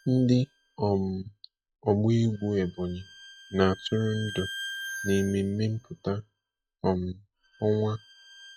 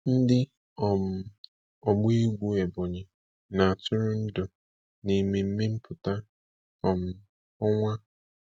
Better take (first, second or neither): second